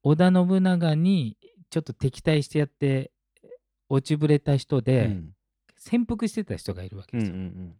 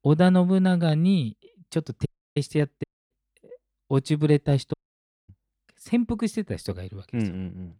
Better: first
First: none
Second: audio cutting out; at 2 s, at 3 s and at 4.5 s for 0.5 s

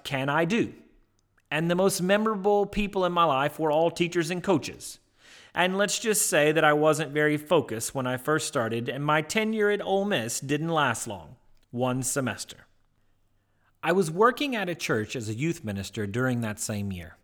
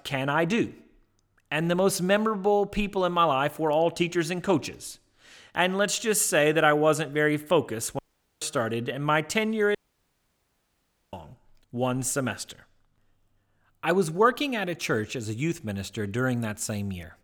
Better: first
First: none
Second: audio cutting out; at 8 s and at 10 s for 1.5 s

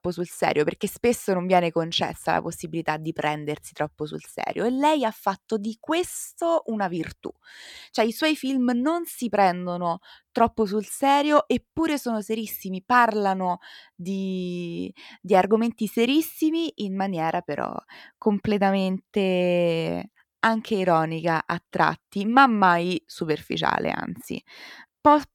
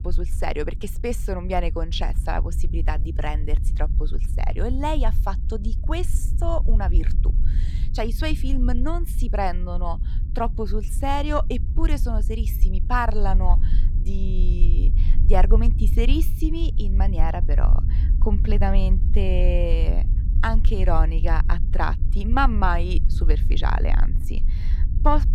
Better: first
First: none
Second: low rumble; noticeable; throughout; 15 dB below the speech

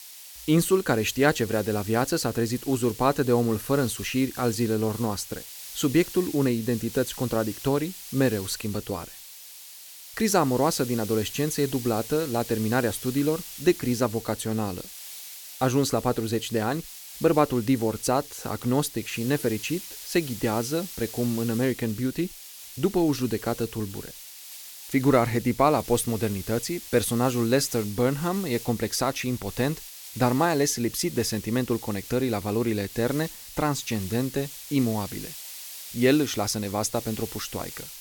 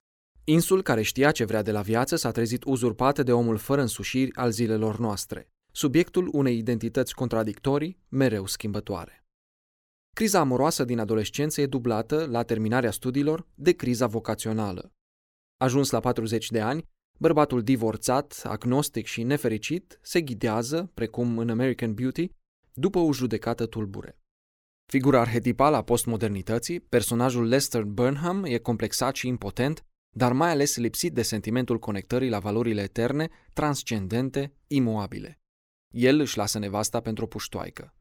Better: second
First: hiss; noticeable; throughout; 15 dB below the speech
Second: none

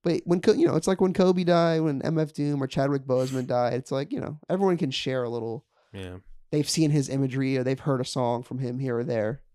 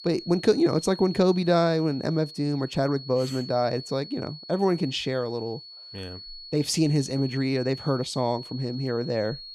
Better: first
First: none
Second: high-pitched whine; noticeable; throughout; 4.5 kHz, 15 dB below the speech

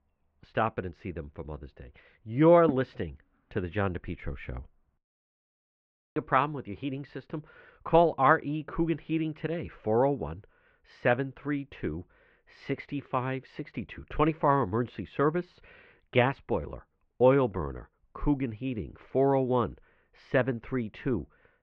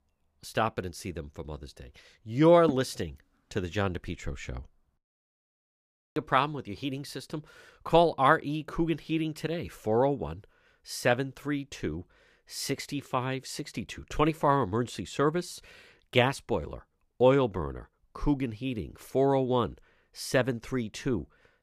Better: second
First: muffled; very; fading above 2.5 kHz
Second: none

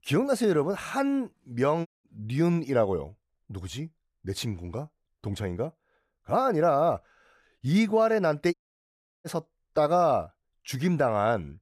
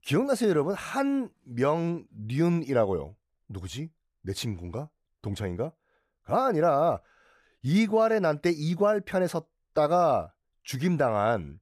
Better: second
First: audio cutting out; at 2 s and at 8.5 s for 0.5 s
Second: none

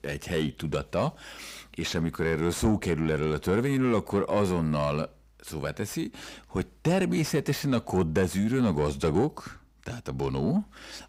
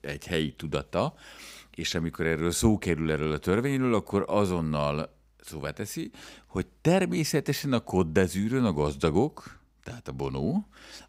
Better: second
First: distortion; slight; 10 dB below the speech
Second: none

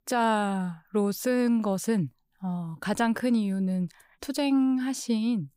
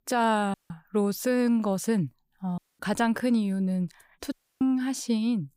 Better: first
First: none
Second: audio cutting out; at 0.5 s, at 2.5 s and at 4.5 s

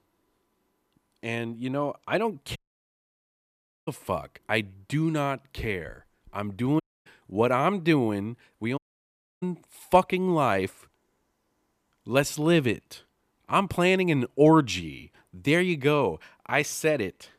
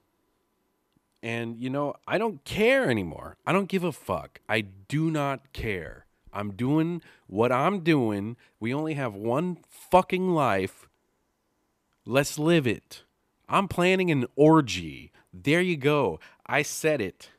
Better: second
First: audio cutting out; at 2.5 s for 1.5 s, at 7 s and at 9 s for 0.5 s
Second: none

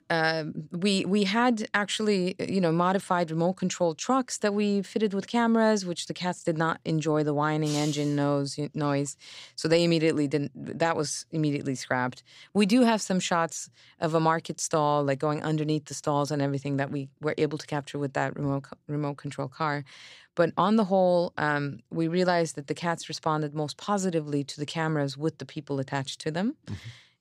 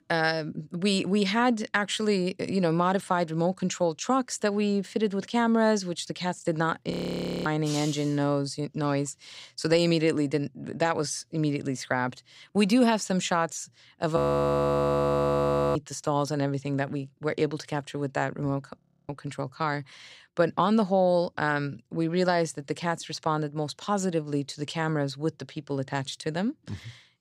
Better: first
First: none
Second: audio freezing; at 7 s for 0.5 s, at 14 s for 1.5 s and at 19 s

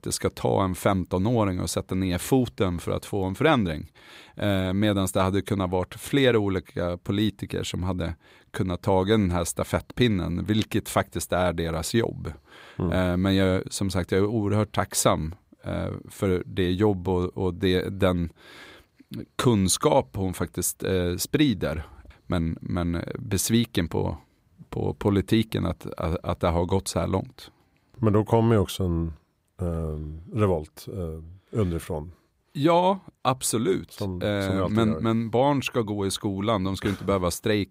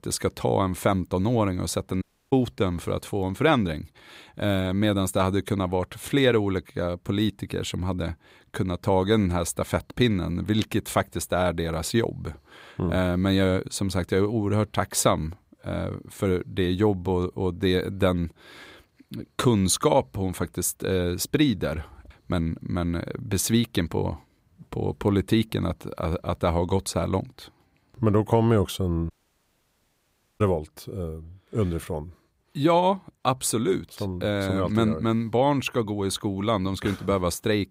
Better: first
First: none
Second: audio cutting out; at 2 s and at 29 s for 1.5 s

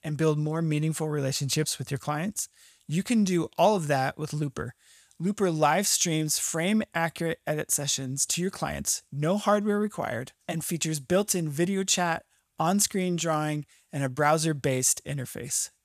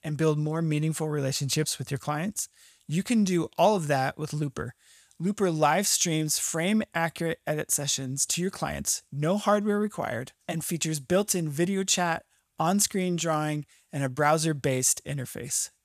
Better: neither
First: none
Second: none

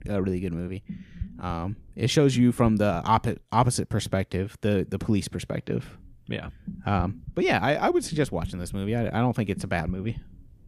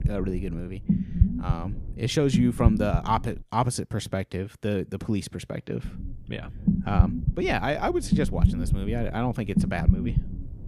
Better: first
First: low rumble; faint; until 3.5 s and from 6 s on; 25 dB below the speech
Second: low rumble; loud; until 3.5 s and from 6 s on; 7 dB below the speech

